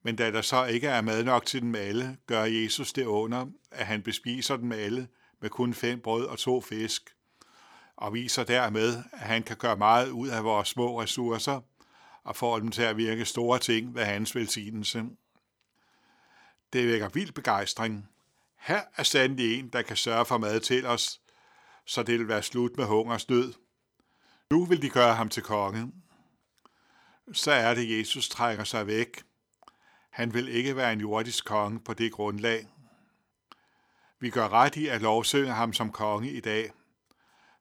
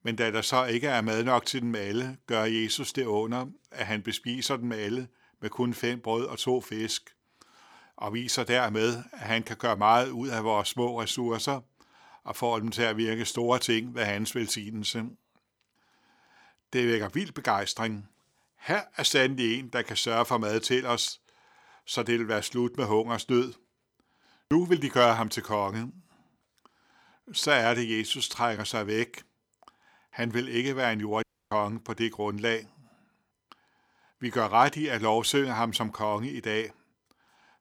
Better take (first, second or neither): first